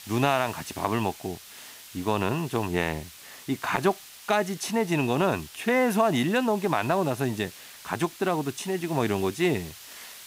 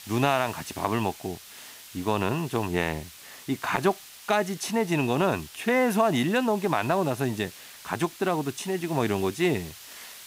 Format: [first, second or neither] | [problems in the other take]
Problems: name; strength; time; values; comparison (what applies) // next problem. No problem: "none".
neither | hiss; noticeable; throughout; 15 dB below the speech; the same in both